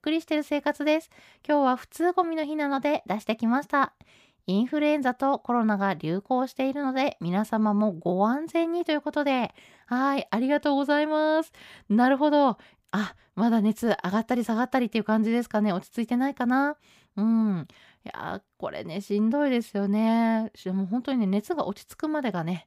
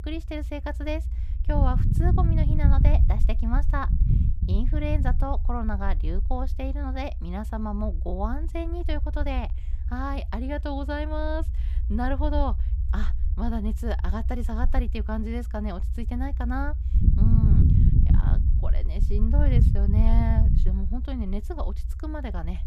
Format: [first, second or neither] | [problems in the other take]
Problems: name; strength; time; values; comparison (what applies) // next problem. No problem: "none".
first | low rumble; loud; throughout; 7 dB below the speech